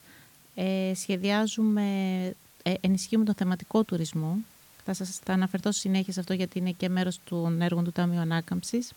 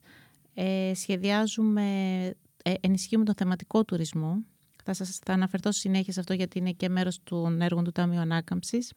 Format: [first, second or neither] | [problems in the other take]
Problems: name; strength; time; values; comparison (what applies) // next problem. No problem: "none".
second | hiss; faint; throughout; 25 dB below the speech